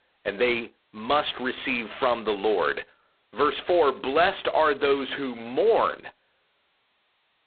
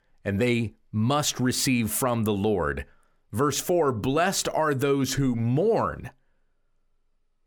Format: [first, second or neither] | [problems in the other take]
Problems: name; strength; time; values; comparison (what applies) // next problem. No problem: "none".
second | phone-call audio; poor line; nothing above 4 kHz